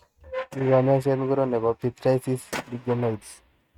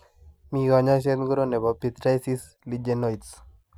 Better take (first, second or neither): second